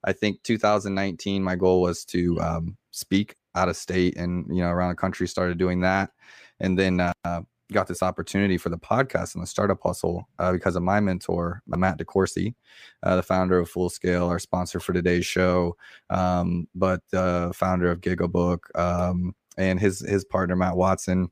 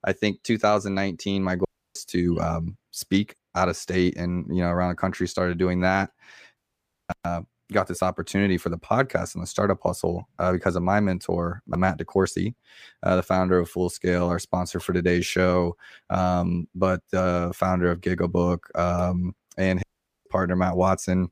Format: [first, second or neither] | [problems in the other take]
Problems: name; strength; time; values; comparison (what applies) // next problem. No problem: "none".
first | audio cutting out; at 1.5 s, at 6.5 s for 0.5 s and at 20 s